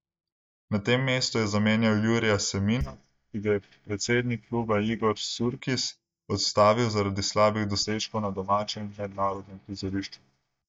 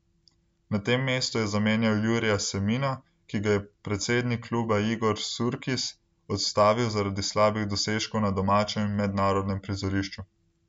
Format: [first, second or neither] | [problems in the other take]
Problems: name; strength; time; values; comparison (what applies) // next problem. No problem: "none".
second | noise reduction (neural mask model DeepFilterNet 3)